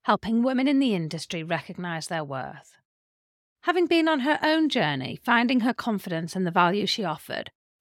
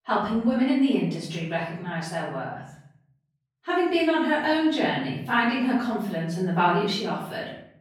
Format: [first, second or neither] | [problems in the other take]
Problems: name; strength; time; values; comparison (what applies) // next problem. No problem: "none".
first | off-mic speech; far // room echo; noticeable; dies away in 0.7 s